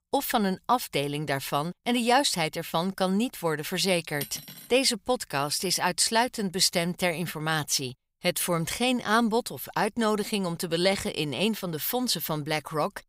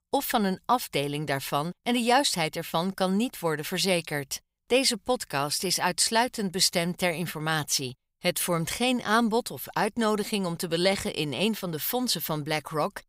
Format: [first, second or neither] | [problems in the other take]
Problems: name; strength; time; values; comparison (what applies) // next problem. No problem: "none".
second | clattering dishes; faint; at 4 s; peak 10 dB below the speech